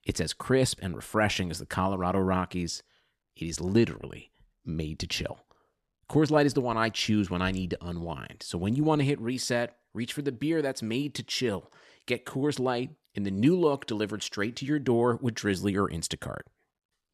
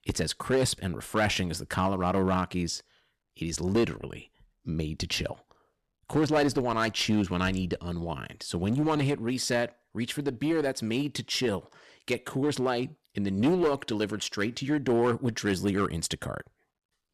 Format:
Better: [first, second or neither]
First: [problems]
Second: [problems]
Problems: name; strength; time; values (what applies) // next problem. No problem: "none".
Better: first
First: none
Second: distortion; slight; 5% of the sound clipped